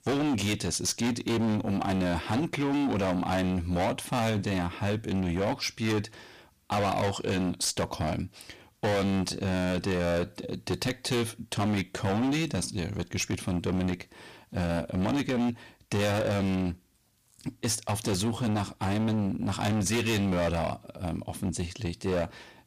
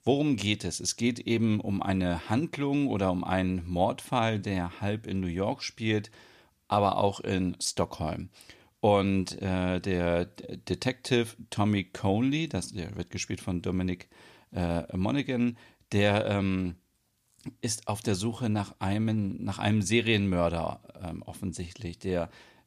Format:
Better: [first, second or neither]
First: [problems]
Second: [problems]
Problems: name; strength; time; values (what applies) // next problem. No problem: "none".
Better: second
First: distortion; heavy; 23% of the sound clipped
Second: none